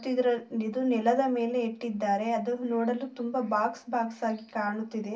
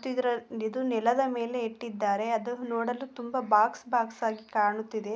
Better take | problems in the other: second | room echo; dies away in 0.2 s

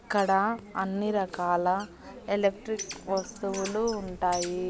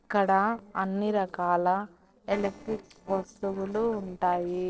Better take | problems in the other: first | noise reduction (neural separator model SepFormer DNS4)

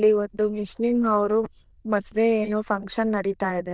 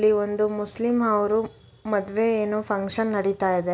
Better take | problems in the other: second | noise reduction (neural diffusion model UNIVERSE++)

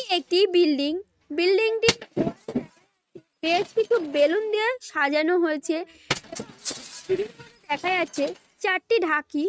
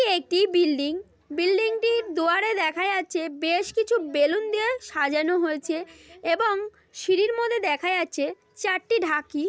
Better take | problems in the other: second | noise reduction (neural mask model RNNoise)

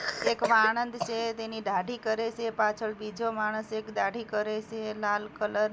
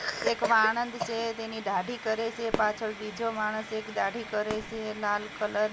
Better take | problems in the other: first | background sound (Frying (food) + Fireworks); 12 dB below the speech

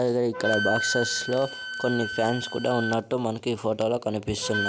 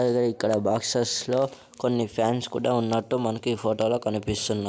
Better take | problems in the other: second | background sound (Wind instrument, woodwind instrument); 6 dB below the speech

